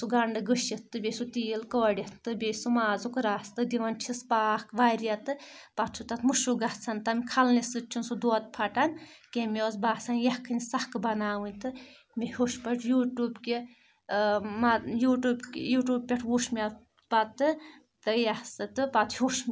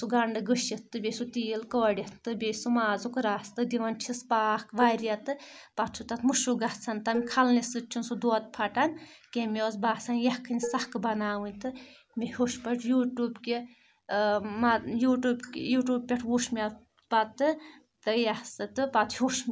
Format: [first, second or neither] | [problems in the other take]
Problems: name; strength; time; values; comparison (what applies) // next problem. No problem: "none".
first | background sound (Dishes, pots, and pans); 10 dB below the speech